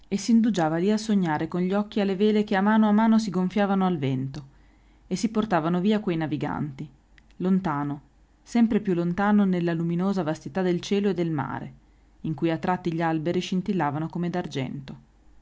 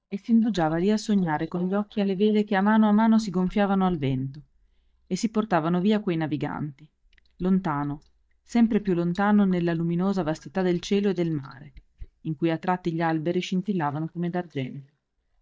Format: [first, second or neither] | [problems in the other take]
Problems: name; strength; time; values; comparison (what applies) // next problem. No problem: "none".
first | noise reduction (neural mask model DeepFilterNet 3)